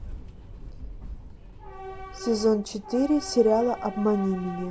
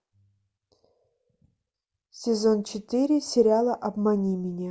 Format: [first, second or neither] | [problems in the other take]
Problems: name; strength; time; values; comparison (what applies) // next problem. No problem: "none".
second | background sound (Subway, metro, underground / Train); 12 dB below the speech